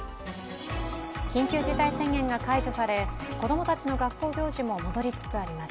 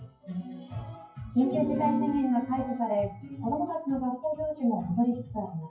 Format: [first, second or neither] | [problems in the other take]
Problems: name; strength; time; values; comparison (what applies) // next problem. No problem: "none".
first | noise reduction (classical method WPE with log-MMSE)